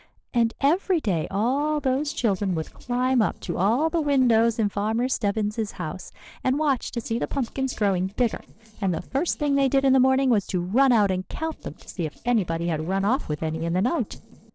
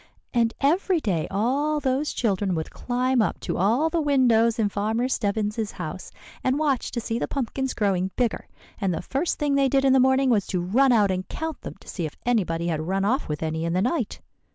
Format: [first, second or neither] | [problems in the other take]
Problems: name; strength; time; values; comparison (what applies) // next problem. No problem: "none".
second | noise reduction (neural separator model SepFormer DNS4)